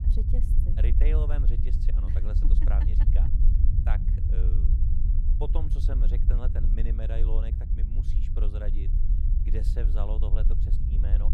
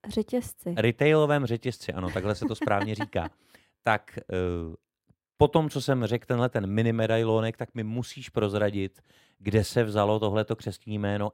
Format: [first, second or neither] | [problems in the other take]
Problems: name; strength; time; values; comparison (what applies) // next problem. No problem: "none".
second | low rumble; loud; throughout; 3 dB below the speech